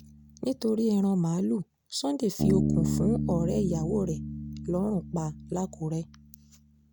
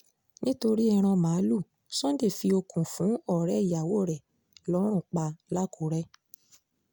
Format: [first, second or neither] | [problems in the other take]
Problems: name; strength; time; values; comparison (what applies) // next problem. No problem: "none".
second | background sound (Bass guitar); 3 dB below the speech